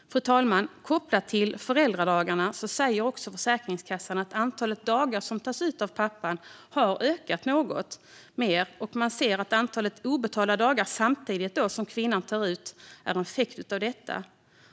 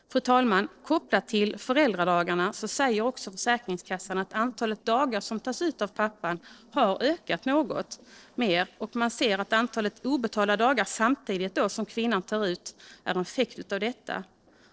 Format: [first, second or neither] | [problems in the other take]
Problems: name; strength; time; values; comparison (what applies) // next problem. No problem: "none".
first | noise reduction (neural separator model SepFormer DNS4)